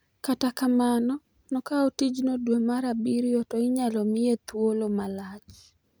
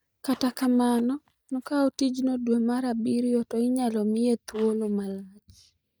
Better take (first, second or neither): first